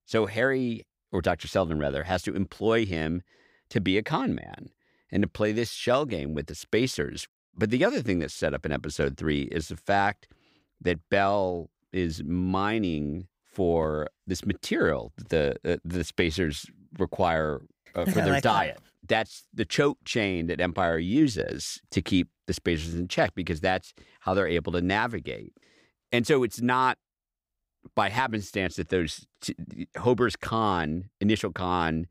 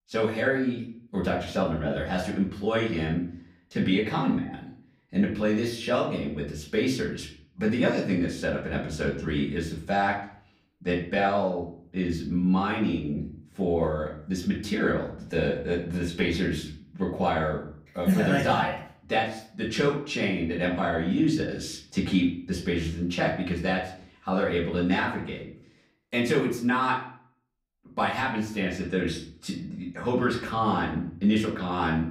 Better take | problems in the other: first | off-mic speech; far // room echo; slight; dies away in 0.5 s

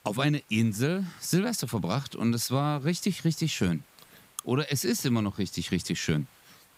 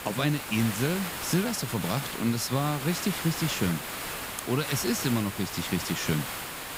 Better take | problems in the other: first | hiss; loud; throughout; 5 dB below the speech; faint in the first

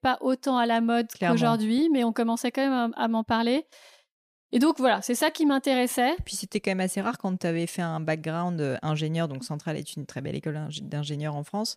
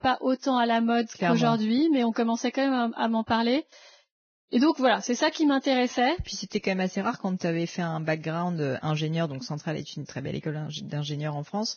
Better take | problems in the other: first | garbled, watery; badly; nothing above 6.5 kHz

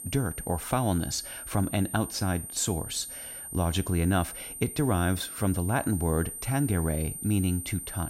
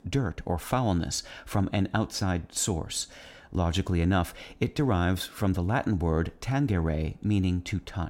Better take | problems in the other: second | high-pitched whine; loud; throughout; 9 kHz, 8 dB below the speech

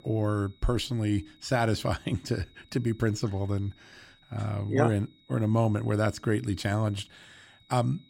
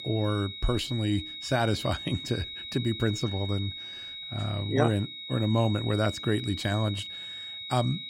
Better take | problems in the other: first | high-pitched whine; loud; throughout; 4 kHz, 8 dB below the speech; faint in the first

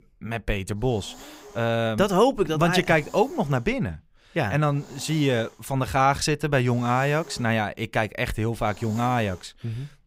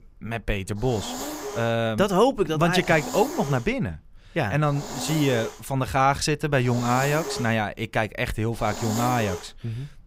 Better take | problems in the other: first | hiss; loud; throughout; 9 dB below the speech; faint in the first

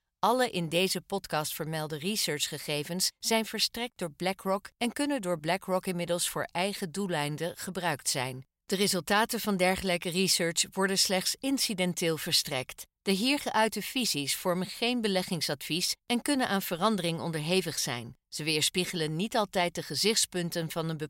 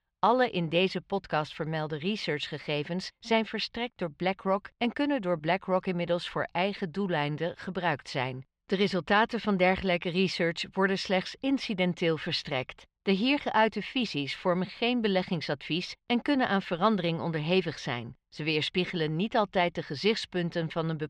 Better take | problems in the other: first | muffled; slightly; fading above 3 kHz

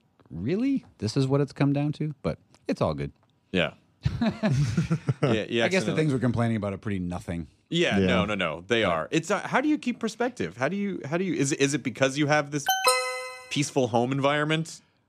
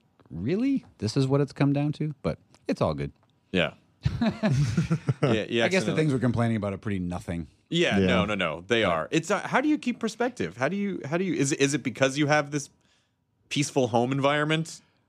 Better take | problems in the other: second | alarm; loud; at 13 s; peak 5 dB above the speech

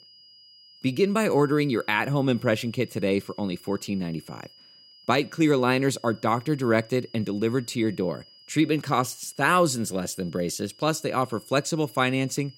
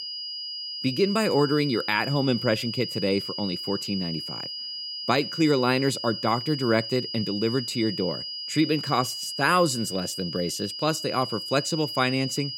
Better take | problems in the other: first | high-pitched whine; loud; throughout; 5 kHz, 6 dB below the speech; faint in the first

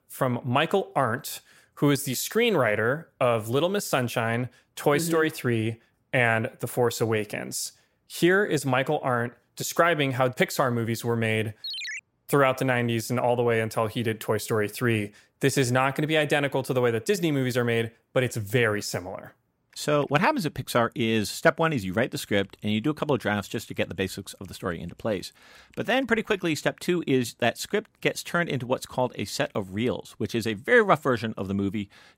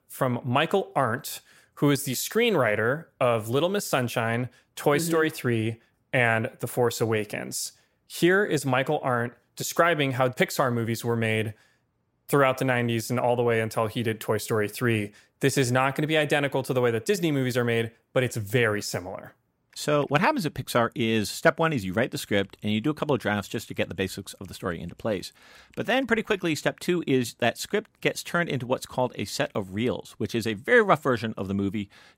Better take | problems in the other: second | phone ringing; noticeable; at 12 s; peak 6 dB below the speech

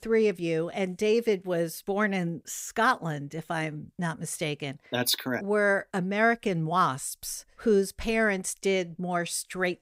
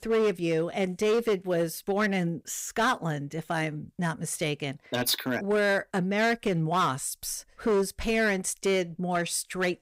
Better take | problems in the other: first | distortion; slight; 8% of the sound clipped

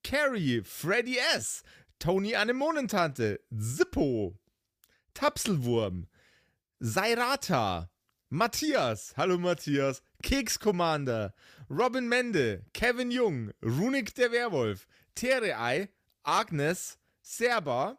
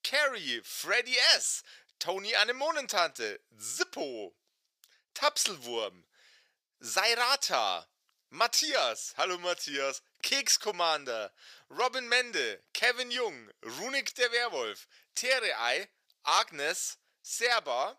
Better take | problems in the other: first | thin; very; fading below 650 Hz

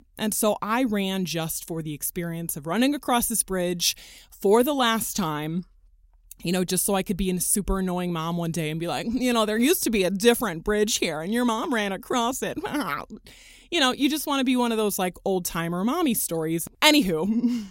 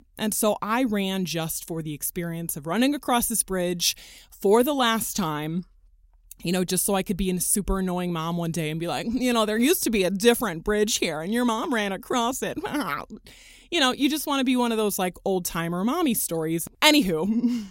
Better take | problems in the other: neither | none

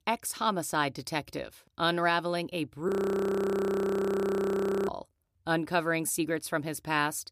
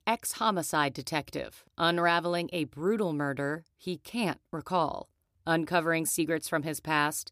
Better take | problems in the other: second | audio freezing; at 3 s for 2 s

